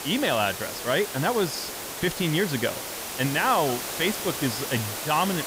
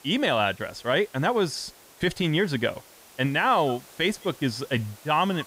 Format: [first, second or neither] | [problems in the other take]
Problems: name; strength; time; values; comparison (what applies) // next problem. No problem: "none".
second | hiss; loud; throughout; 5 dB below the speech; faint in the second